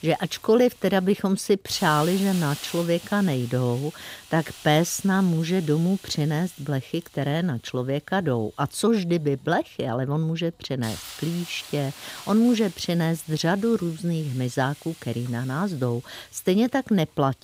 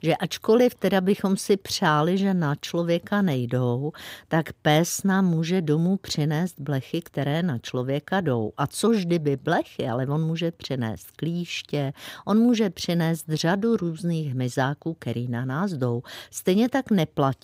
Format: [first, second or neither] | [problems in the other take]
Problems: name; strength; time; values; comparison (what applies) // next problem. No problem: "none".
second | hiss; noticeable; throughout; 15 dB below the speech